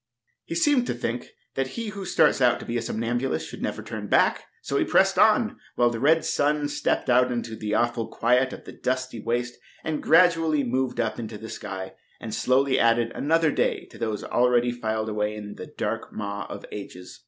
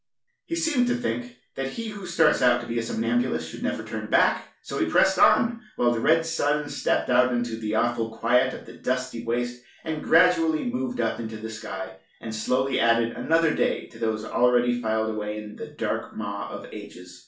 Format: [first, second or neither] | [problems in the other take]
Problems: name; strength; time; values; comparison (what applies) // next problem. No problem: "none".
first | room echo; dies away in 0.3 s